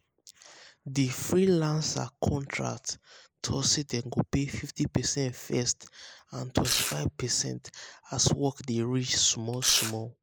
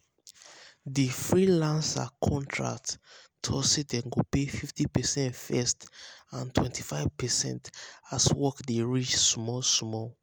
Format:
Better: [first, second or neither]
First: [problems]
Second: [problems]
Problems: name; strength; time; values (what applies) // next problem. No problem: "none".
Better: second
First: noise reduction (neural mask model Resemble Enhance denoiser)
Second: none